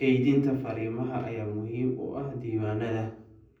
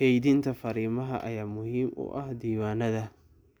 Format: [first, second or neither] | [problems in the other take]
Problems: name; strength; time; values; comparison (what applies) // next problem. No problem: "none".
second | room echo; dies away in 0.6 s